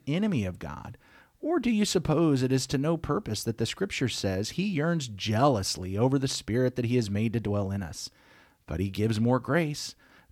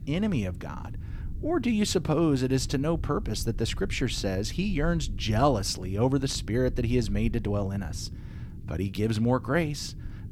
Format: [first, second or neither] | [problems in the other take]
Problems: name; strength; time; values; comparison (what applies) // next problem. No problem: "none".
first | low rumble; faint; throughout; 20 dB below the speech